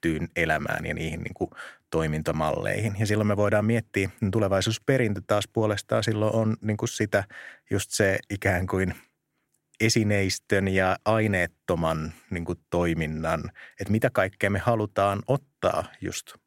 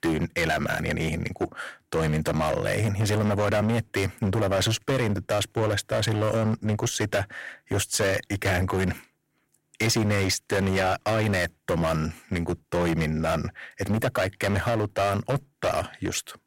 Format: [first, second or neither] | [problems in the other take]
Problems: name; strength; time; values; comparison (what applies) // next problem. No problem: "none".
first | distortion; heavy; 16% of the sound clipped